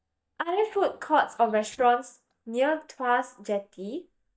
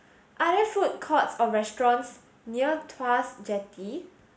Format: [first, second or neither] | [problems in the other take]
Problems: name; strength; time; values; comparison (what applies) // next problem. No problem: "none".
second | noise reduction (neural mask model DeepFilterNet 3)